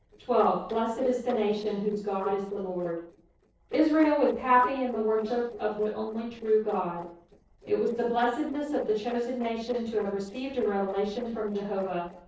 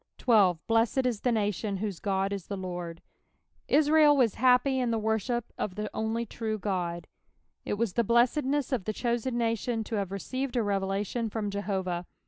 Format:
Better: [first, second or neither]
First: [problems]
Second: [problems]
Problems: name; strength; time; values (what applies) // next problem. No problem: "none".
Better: second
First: noise reduction (neural separator model SepFormer DNS4)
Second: none